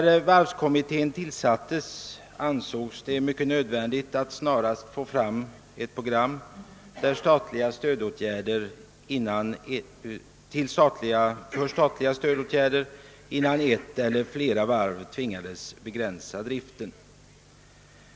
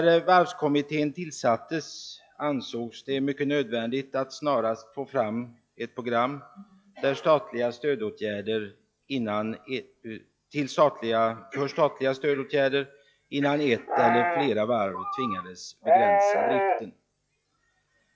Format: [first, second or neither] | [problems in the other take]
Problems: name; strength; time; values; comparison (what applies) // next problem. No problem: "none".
first | noise reduction (classical method log-MMSE)